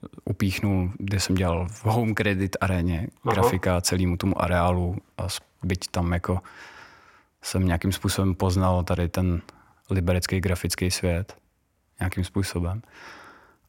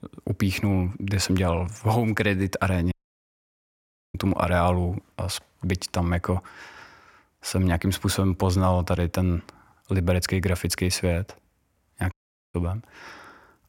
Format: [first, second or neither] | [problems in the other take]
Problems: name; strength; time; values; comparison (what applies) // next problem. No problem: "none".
first | audio cutting out; at 3 s for 1 s and at 12 s